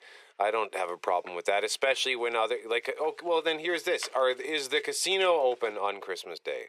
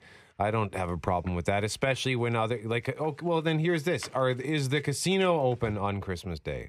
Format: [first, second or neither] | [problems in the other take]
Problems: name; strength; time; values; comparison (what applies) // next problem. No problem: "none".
second | thin; very; fading below 450 Hz